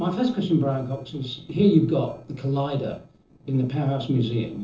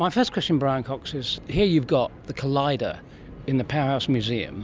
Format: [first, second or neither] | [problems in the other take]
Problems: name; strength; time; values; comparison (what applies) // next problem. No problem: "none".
second | noise reduction (neural separator model SepFormer DNS4)